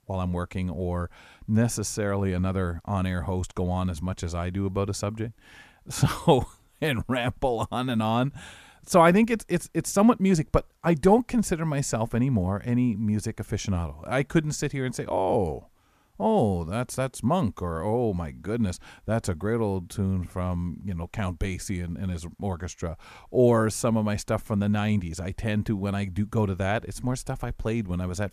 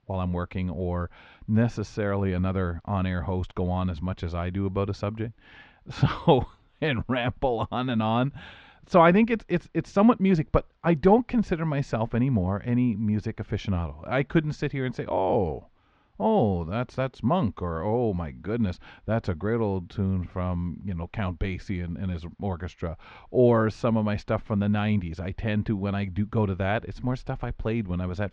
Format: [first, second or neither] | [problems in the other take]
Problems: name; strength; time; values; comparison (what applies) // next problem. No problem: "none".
first | muffled; slightly; fading above 4 kHz